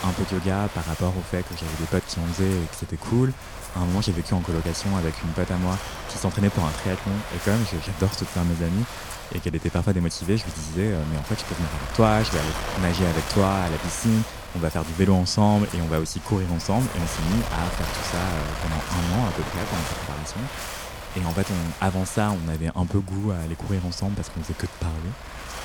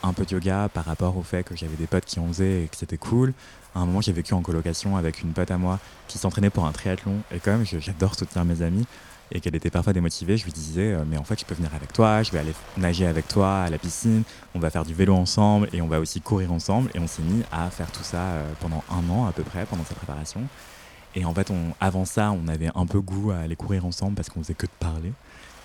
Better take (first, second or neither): second